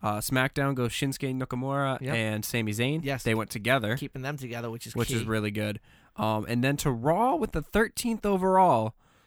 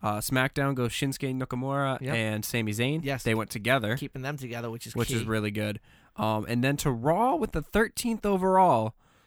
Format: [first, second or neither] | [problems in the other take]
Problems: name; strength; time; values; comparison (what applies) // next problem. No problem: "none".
neither | none